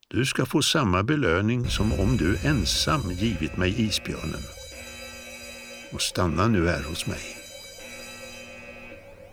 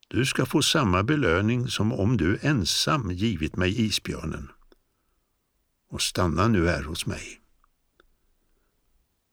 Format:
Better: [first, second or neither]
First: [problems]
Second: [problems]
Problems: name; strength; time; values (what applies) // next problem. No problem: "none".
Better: second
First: alarm; noticeable; from 1.5 s on; peak 6 dB below the speech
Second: none